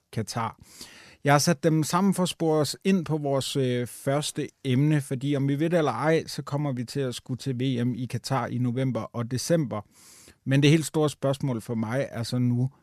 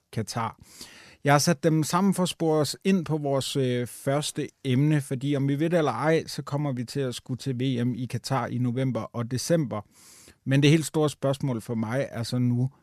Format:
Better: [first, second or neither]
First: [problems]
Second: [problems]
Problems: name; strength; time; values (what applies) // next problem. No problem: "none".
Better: neither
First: none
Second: none